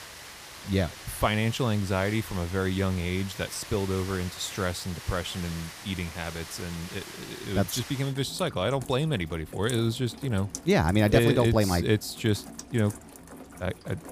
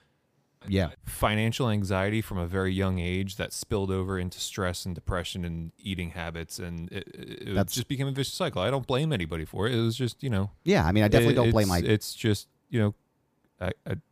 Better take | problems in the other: second | rain or running water; noticeable; throughout; 15 dB below the speech

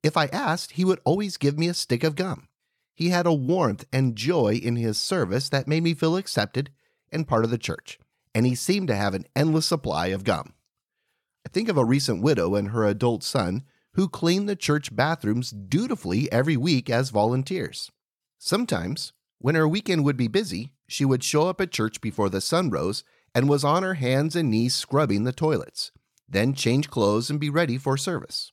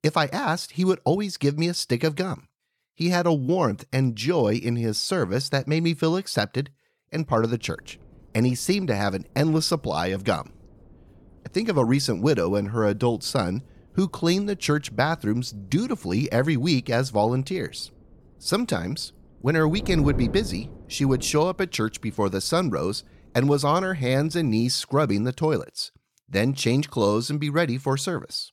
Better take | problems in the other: first | wind noise on the microphone; occasional gusts; from 7.5 to 25 s; 20 dB below the speech

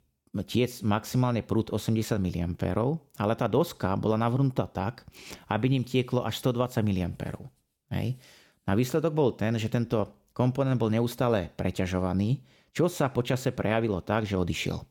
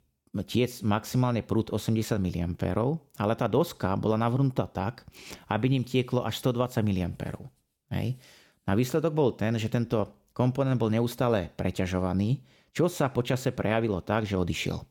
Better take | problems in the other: neither | none

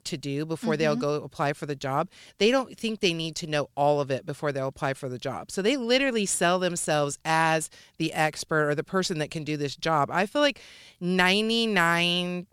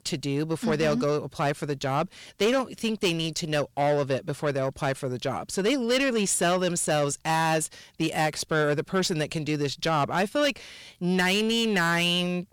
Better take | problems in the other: first | distortion; slight; 10 dB below the speech

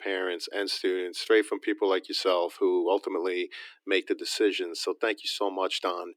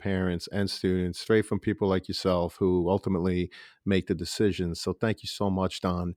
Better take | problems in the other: second | thin; very; fading below 300 Hz

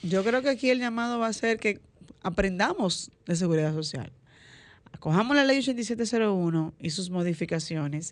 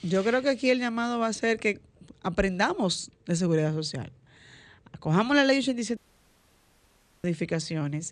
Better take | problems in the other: first | audio cutting out; at 6 s for 1.5 s

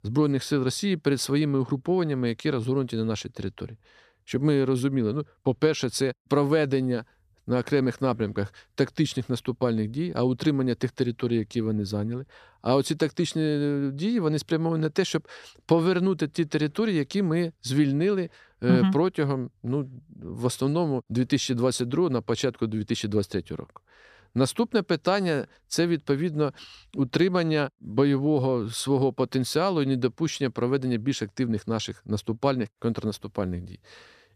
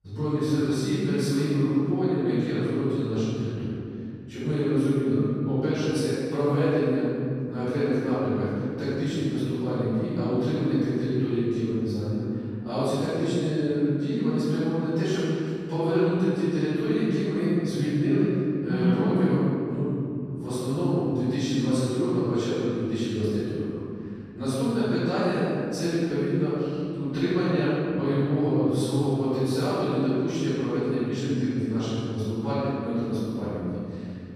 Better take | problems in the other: first | off-mic speech; far // room echo; strong; dies away in 2.5 s

